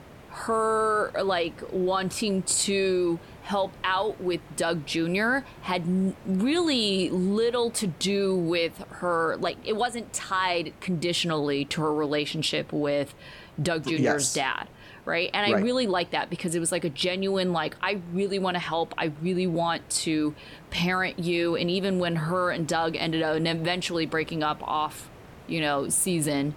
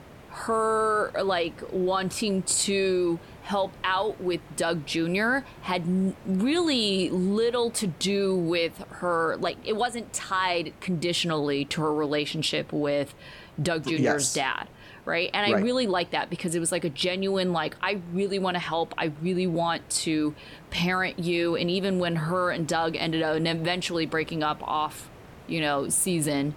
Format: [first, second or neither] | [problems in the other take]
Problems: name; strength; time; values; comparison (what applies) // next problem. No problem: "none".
neither | hiss; faint; throughout; 20 dB below the speech; the same in both